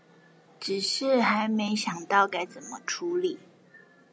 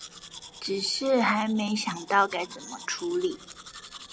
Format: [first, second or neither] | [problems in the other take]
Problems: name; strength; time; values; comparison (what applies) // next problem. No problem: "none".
first | background sound (Domestic sounds, home sounds); 17 dB below the speech